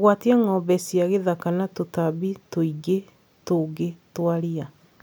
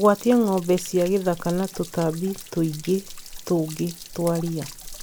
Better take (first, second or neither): first